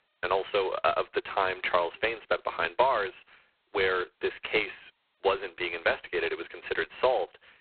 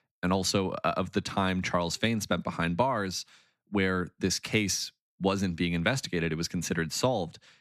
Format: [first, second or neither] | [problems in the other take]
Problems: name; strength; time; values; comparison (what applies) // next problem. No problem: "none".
second | phone-call audio; poor line; nothing above 4 kHz